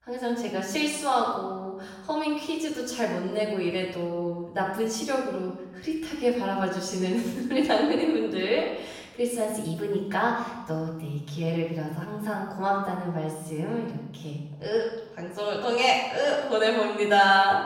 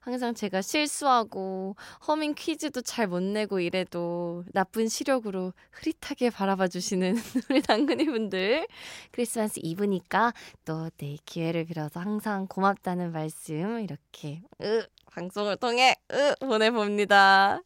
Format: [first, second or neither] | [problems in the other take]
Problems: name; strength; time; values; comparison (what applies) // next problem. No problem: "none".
second | off-mic speech; far // room echo; noticeable; dies away in 0.9 s